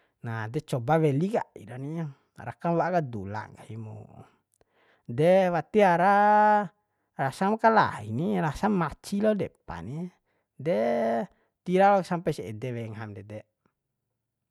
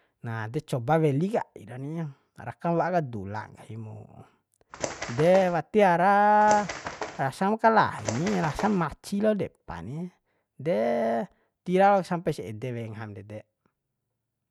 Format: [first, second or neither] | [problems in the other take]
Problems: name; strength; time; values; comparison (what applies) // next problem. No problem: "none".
first | background sound (Bird); 9 dB below the speech